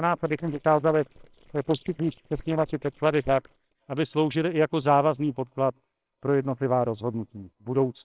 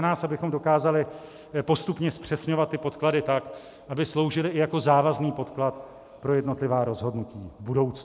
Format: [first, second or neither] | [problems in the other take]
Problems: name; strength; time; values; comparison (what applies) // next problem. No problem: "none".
second | noise reduction (neural separator model SepFormer WHAMR!)